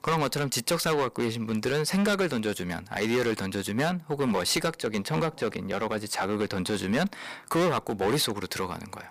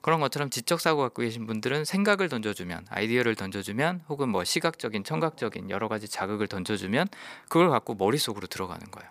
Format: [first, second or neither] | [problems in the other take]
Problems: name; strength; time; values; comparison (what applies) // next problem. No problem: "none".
second | distortion; heavy; 9% of the sound clipped